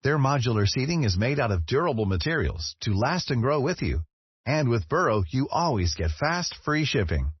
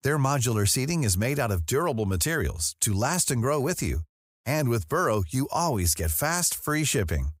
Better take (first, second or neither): second